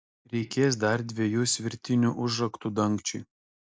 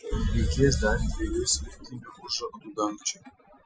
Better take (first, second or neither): first